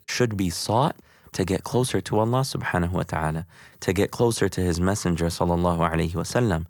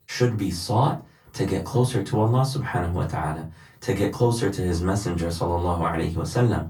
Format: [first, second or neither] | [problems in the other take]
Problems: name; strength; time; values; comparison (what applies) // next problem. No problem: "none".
first | off-mic speech; far // room echo; very slight; dies away in 0.2 s